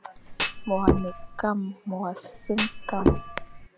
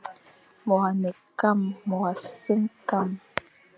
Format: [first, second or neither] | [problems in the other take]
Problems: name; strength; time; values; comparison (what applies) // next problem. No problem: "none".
second | background sound (Thump, thud); 4 dB above the speech